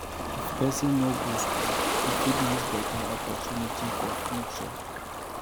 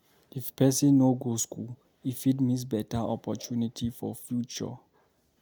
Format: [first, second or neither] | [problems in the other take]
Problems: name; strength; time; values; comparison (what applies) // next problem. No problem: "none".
second | background sound (Ocean); 2 dB above the speech